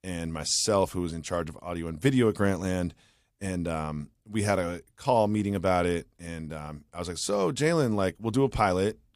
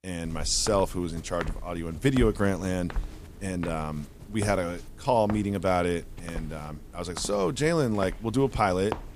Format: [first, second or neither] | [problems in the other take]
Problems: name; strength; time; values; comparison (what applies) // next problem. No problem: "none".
first | footsteps; noticeable; peak 8 dB below the speech